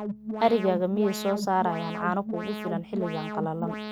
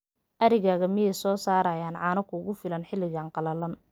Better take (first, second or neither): second